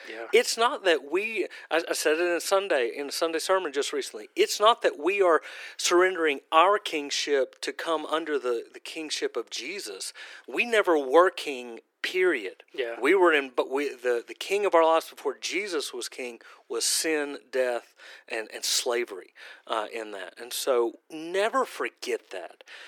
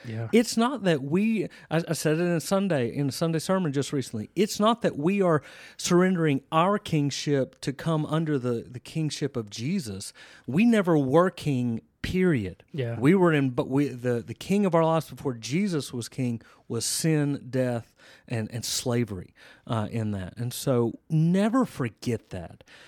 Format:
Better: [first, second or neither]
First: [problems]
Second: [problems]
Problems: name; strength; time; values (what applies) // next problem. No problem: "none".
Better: second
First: thin; very; fading below 350 Hz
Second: none